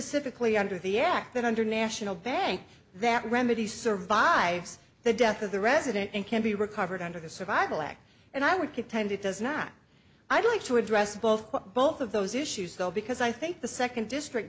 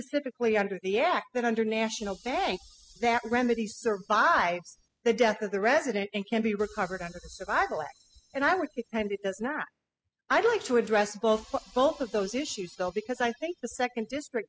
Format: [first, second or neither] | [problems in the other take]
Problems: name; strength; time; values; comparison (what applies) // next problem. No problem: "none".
first | noise reduction (classical method spectral subtraction)